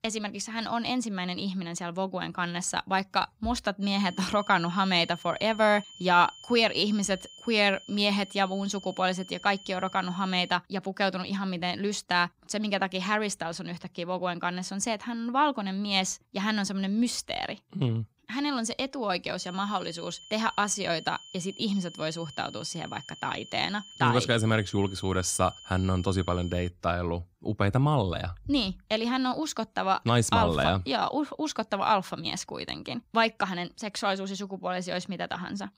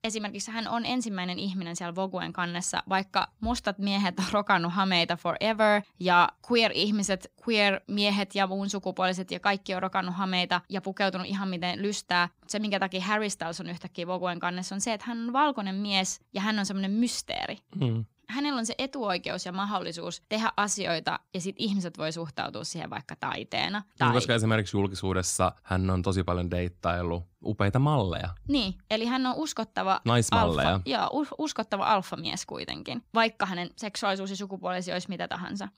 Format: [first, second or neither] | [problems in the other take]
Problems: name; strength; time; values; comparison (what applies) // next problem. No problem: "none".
second | high-pitched whine; noticeable; from 4 to 11 s and from 19 to 27 s; 3 kHz, 20 dB below the speech